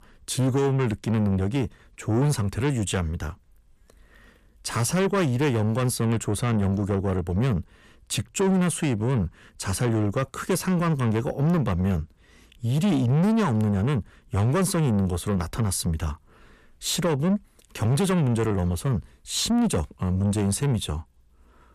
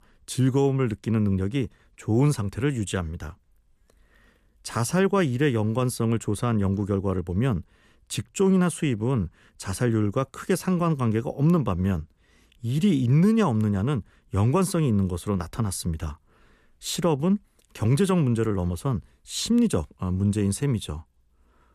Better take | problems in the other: second | distortion; slight; 10 dB below the speech

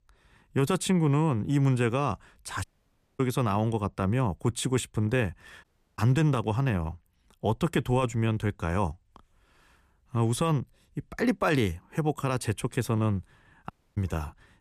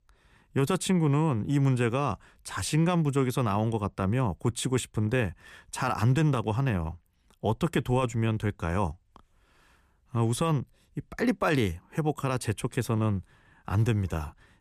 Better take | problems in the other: second | audio cutting out; at 2.5 s for 0.5 s, at 5.5 s and at 14 s

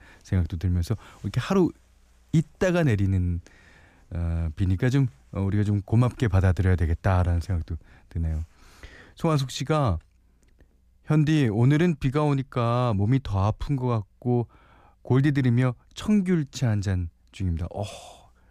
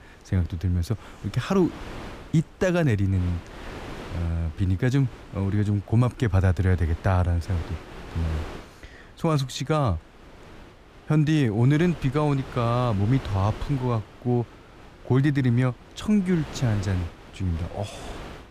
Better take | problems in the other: first | wind noise on the microphone; occasional gusts; 15 dB below the speech

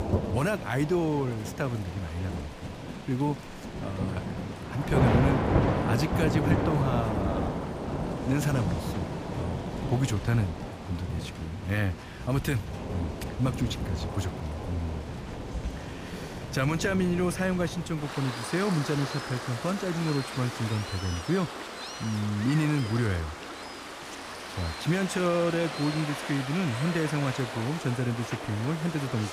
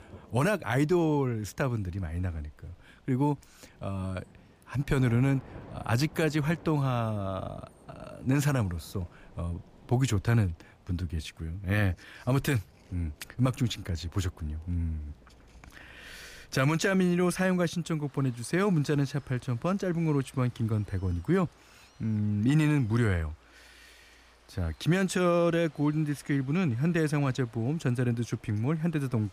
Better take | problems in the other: second | rain or running water; loud; throughout; 3 dB below the speech; faint in the second

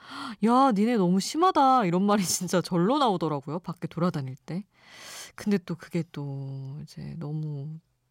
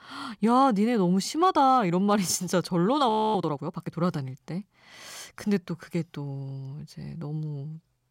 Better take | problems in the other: first | audio freezing; at 3 s

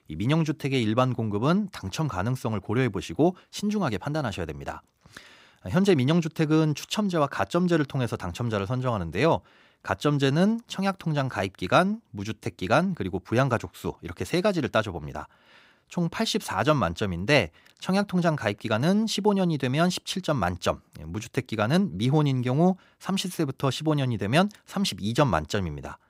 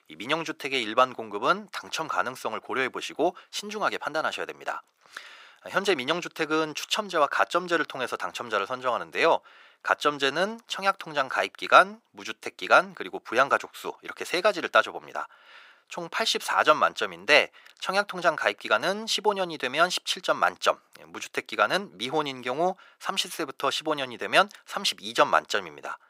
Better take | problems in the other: first | thin; very; fading below 550 Hz

